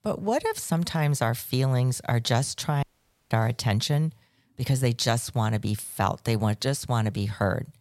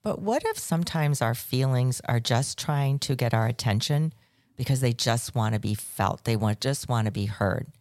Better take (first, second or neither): second